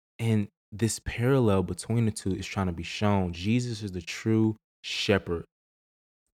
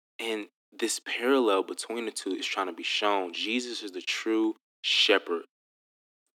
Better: first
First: none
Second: thin; somewhat; fading below 250 Hz

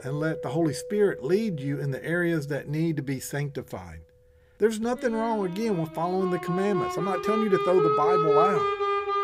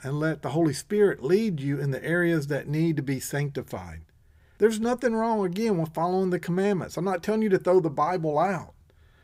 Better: second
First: background music; loud; throughout; as loud as the speech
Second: none

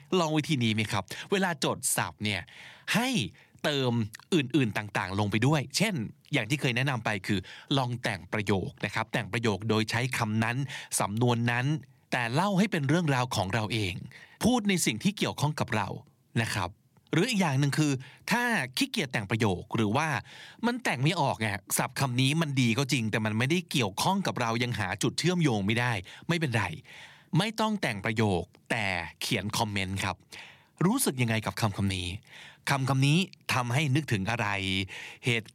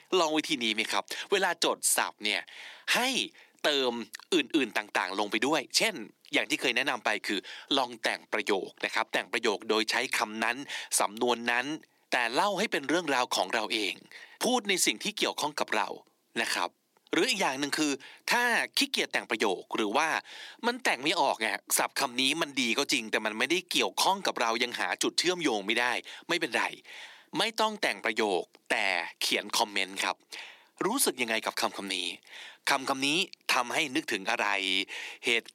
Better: first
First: none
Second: thin; somewhat; fading below 300 Hz

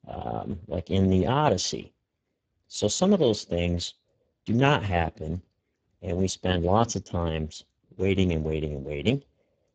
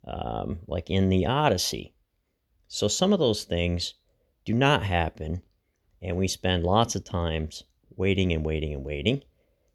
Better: second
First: garbled, watery; badly; nothing above 7.5 kHz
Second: none

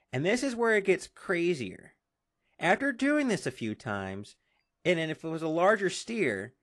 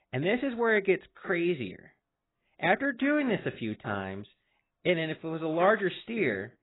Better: first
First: garbled, watery; slightly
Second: garbled, watery; badly; nothing above 4 kHz

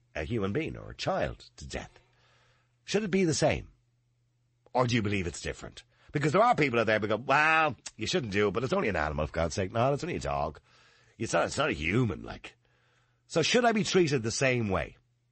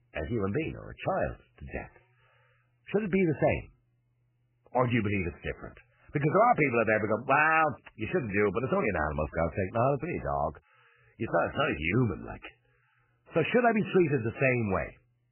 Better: first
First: garbled, watery; slightly; nothing above 8 kHz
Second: garbled, watery; badly; nothing above 3 kHz

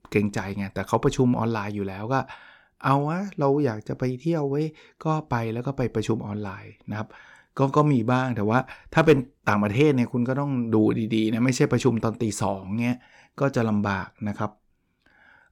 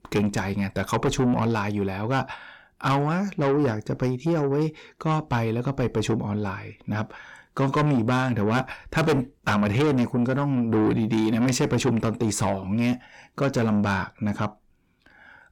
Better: first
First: none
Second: distortion; heavy; 8 dB below the speech

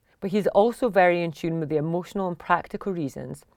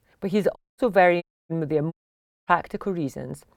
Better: first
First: none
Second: audio cutting out; at 0.5 s, at 1 s and at 2 s for 0.5 s

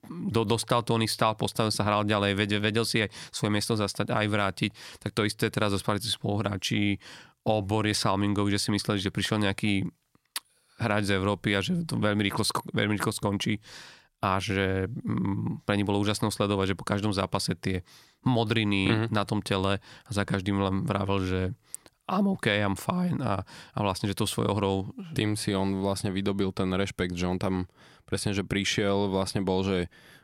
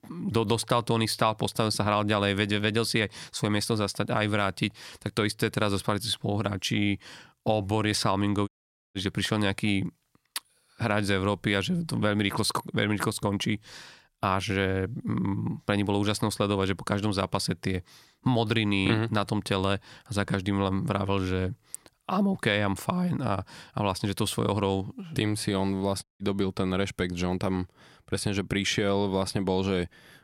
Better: first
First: none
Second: audio cutting out; at 8.5 s and at 26 s

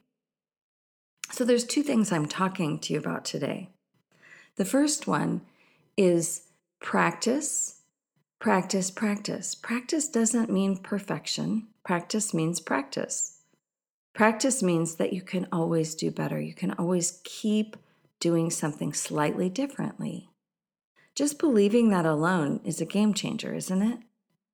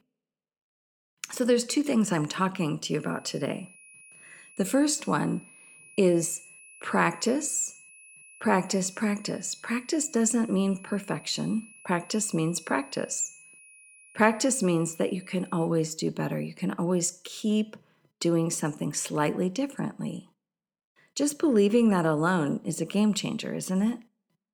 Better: first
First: none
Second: high-pitched whine; faint; from 3 to 16 s; 2.5 kHz, 20 dB below the speech

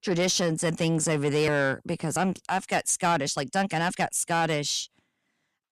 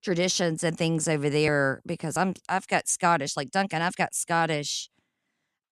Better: second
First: distortion; slight; 10 dB below the speech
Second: none

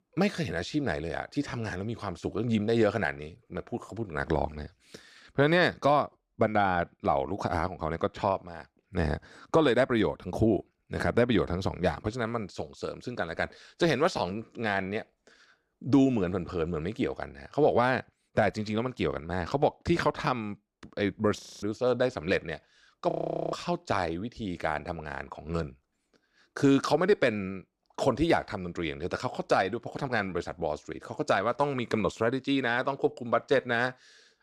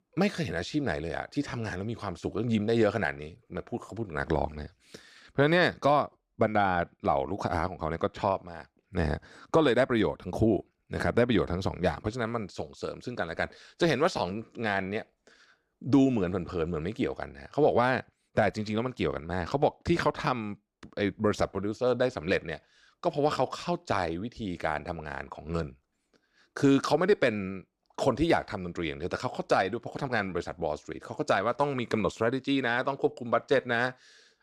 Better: second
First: audio freezing; at 21 s and at 23 s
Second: none

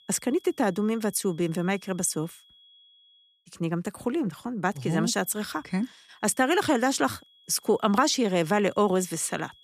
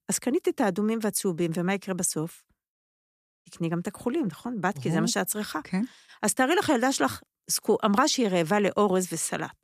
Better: second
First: high-pitched whine; faint; until 3.5 s and from 5 s on; 3.5 kHz, 30 dB below the speech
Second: none

